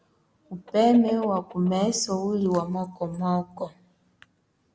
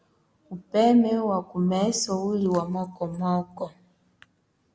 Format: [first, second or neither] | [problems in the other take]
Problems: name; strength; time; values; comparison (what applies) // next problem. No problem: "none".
second | background sound (Chicken, rooster); 19 dB below the speech